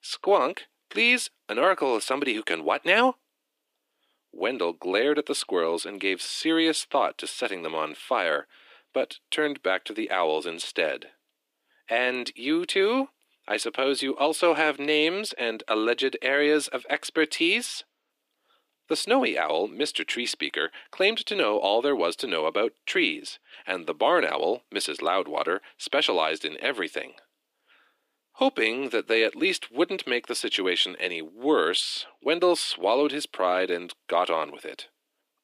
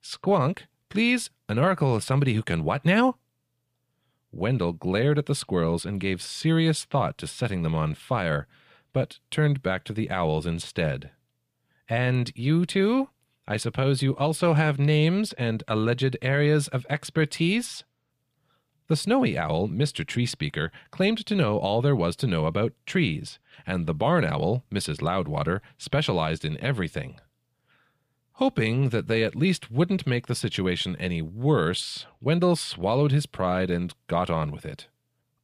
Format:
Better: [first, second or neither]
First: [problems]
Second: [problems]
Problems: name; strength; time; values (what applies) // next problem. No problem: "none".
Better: second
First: thin; somewhat; fading below 300 Hz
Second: none